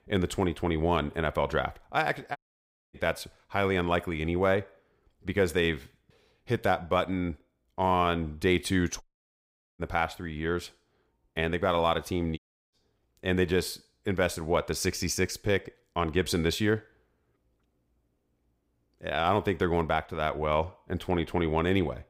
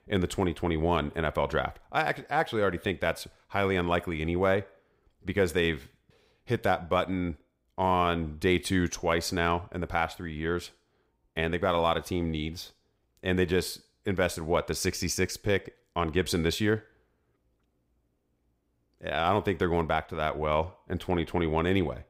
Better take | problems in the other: second | audio cutting out; at 2.5 s for 0.5 s, at 9 s for 1 s and at 12 s

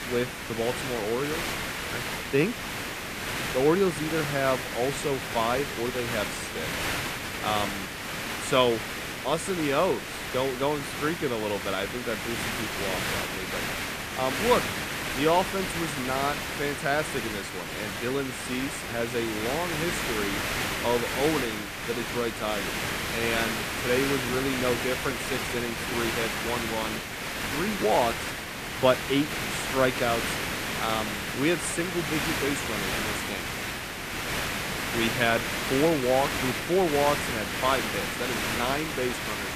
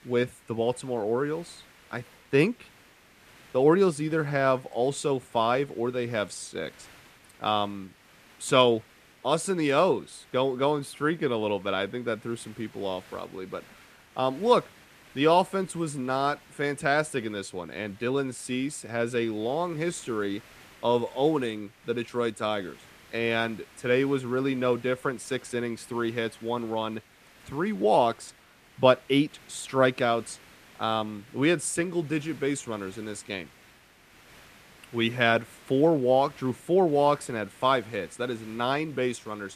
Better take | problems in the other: second | hiss; loud; throughout; 1 dB below the speech; faint in the second

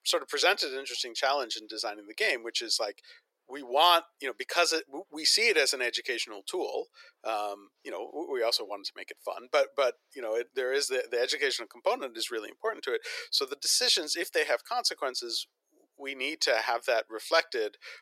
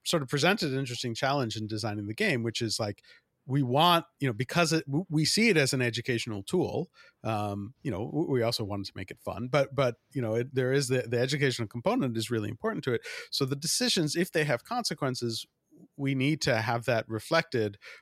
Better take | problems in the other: second | thin; very; fading below 400 Hz

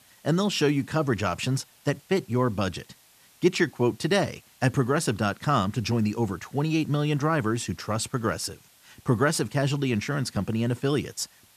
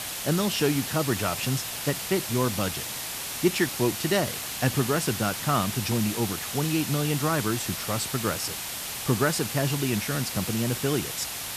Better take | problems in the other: first | hiss; loud; throughout; 3 dB below the speech; faint in the first

